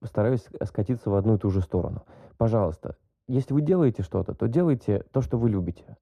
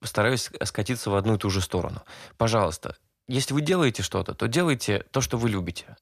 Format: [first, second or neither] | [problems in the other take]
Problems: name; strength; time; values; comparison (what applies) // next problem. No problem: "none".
second | muffled; very; fading above 1.5 kHz